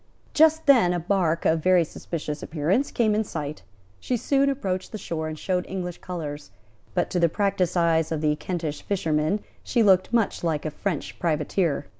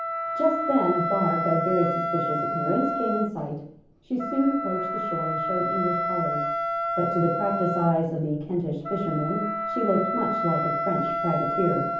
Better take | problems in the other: first | background sound (Wind instrument, woodwind instrument); 1 dB below the speech // room echo; dies away in 0.7 s

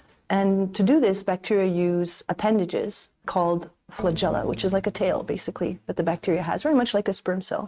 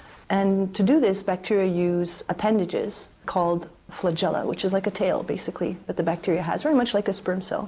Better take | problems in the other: second | noise reduction (neural mask model RNNoise)

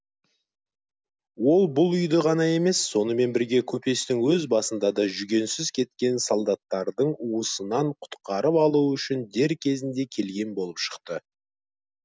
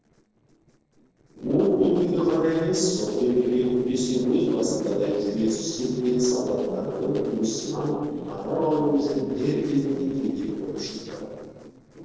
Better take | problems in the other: first | noise reduction (neural separator model SepFormer DNS4)

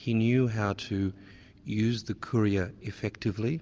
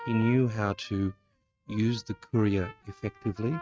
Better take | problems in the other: first | noise reduction (neural mask model RNNoise)

